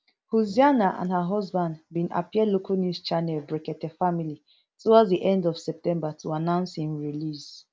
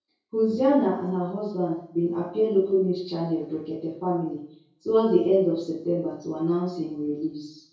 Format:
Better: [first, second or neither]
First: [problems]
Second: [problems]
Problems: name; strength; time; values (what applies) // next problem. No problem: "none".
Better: first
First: none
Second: room echo; dies away in 0.6 s